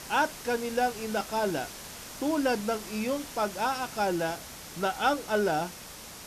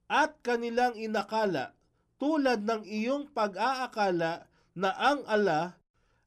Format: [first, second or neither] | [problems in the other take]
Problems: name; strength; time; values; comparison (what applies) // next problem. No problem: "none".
second | hiss; noticeable; throughout; 10 dB below the speech